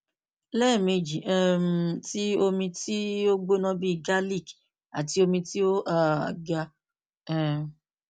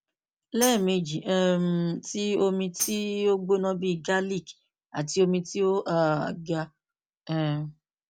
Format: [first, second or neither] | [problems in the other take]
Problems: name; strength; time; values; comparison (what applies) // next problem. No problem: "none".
first | background sound (Tambourine); 11 dB below the speech